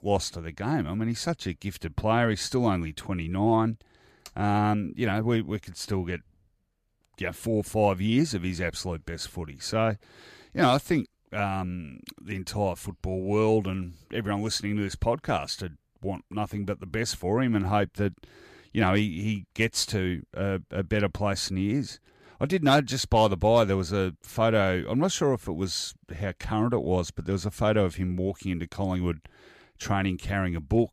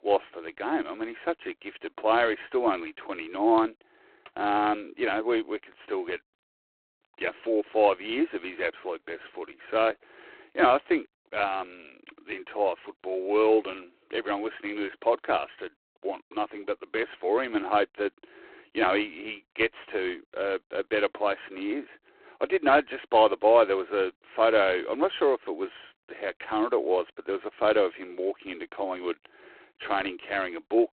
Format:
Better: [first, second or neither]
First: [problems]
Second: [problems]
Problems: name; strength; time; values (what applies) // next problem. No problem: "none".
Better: first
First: none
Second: phone-call audio; poor line